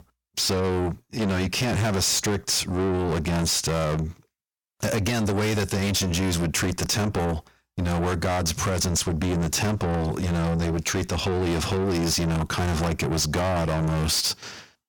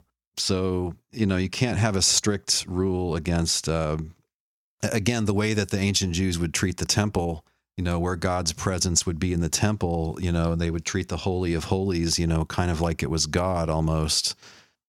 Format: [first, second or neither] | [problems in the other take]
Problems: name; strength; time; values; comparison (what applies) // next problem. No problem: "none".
second | distortion; heavy; 5 dB below the speech